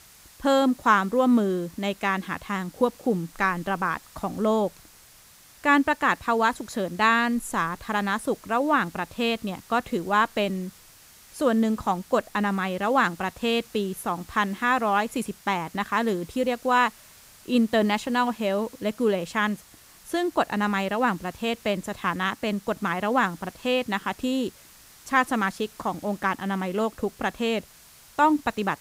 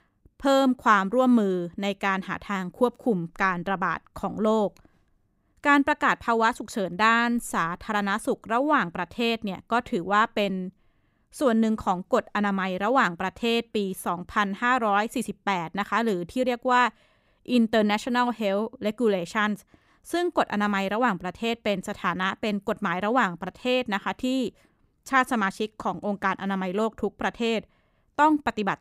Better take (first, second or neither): second